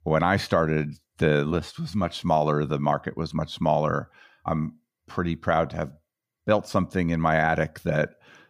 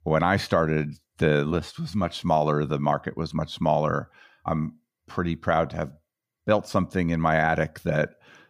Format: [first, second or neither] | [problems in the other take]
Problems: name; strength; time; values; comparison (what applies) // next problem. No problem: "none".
neither | none